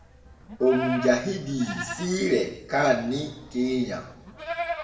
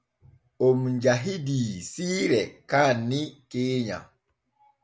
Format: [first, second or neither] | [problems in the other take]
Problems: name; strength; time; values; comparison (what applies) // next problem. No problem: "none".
second | background sound (Livestock, farm animals, working animals); 10 dB below the speech // room echo; dies away in 0.8 s